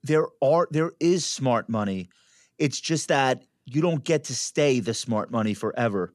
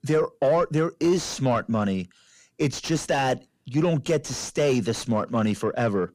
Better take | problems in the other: first | distortion; slight; 10 dB below the speech

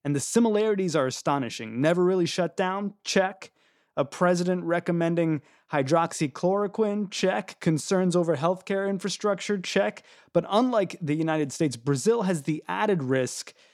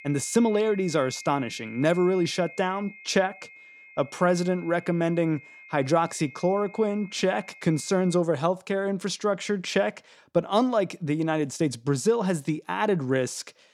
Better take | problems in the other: first | high-pitched whine; noticeable; until 8 s; 2 kHz, 20 dB below the speech

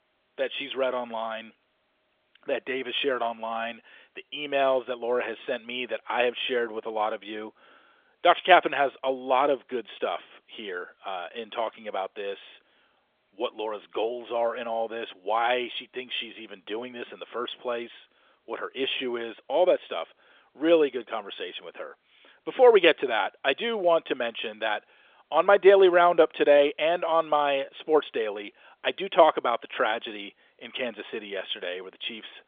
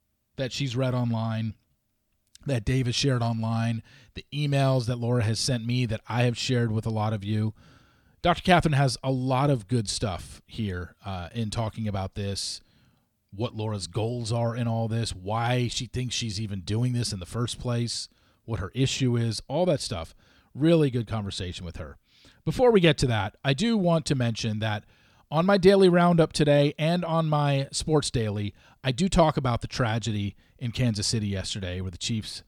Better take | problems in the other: second | phone-call audio; nothing above 3.5 kHz

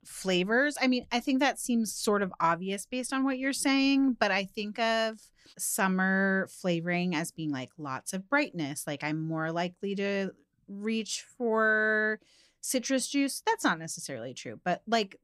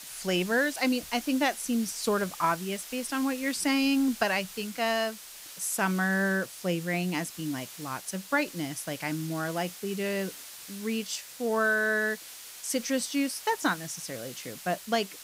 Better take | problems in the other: first | hiss; noticeable; throughout; 10 dB below the speech

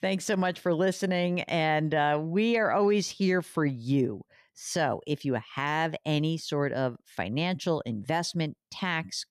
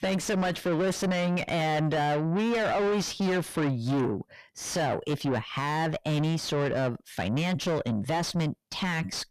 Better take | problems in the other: first | distortion; heavy; 5 dB below the speech

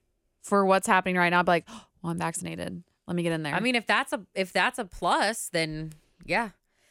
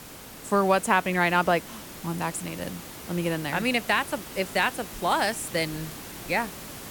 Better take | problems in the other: first | hiss; noticeable; throughout; 15 dB below the speech

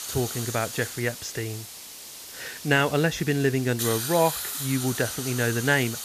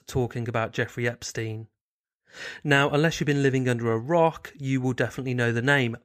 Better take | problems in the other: second | hiss; loud; throughout; 7 dB below the speech

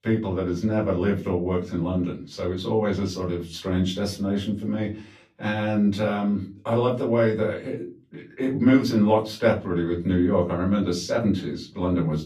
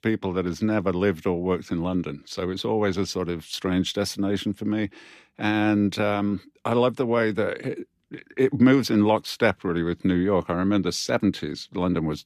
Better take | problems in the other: second | off-mic speech; far // room echo; slight; dies away in 0.3 s

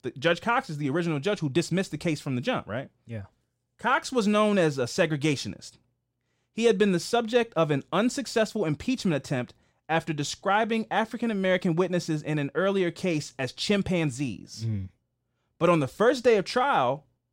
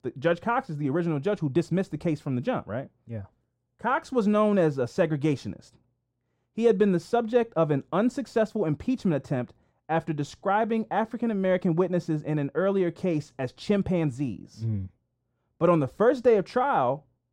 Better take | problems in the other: first | muffled; slightly; fading above 1.5 kHz

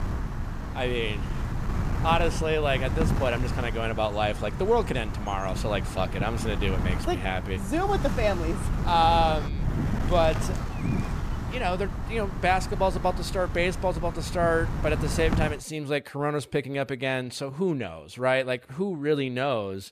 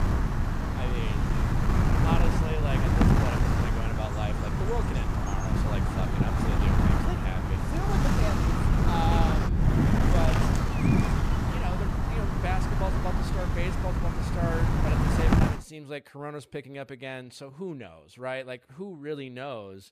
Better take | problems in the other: first | wind noise on the microphone; heavy; until 16 s; 4 dB above the speech; occasional gusts in the first

